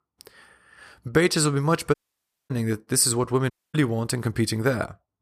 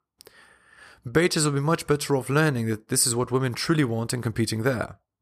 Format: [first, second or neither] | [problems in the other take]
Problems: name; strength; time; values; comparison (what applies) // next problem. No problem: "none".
second | audio cutting out; at 2 s for 0.5 s and at 3.5 s